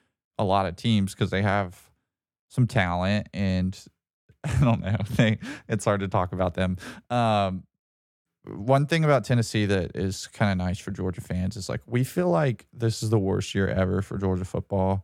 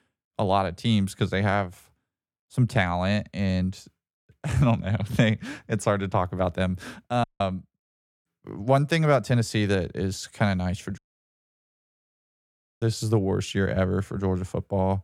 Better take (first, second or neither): first